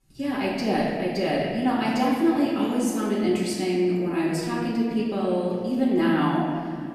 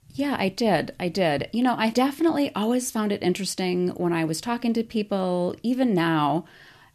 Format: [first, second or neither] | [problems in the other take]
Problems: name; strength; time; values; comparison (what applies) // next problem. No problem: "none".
second | off-mic speech; far // room echo; noticeable; dies away in 1.9 s